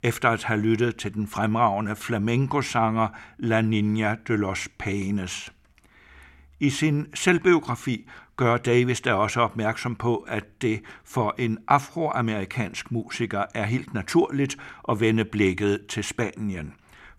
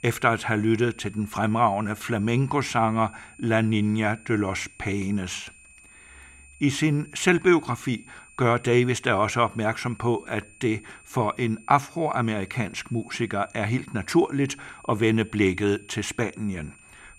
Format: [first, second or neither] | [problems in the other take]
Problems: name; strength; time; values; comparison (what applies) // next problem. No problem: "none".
first | high-pitched whine; faint; throughout; 2.5 kHz, 25 dB below the speech